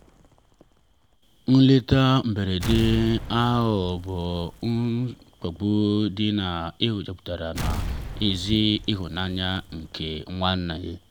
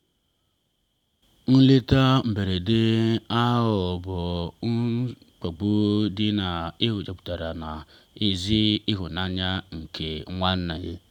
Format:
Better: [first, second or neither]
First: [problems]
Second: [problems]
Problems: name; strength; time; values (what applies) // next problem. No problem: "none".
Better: second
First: background sound (Explosion); 12 dB below the speech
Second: none